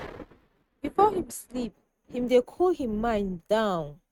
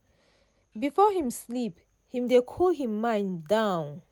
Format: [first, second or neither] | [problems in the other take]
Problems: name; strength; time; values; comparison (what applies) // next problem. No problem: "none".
second | noise reduction (neural mask model RNNoise)